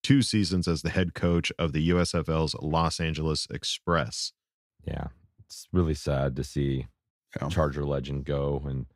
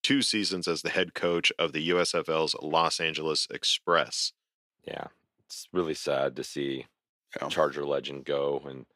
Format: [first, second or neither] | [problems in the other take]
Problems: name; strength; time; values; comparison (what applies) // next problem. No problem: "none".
first | thin; somewhat; fading below 400 Hz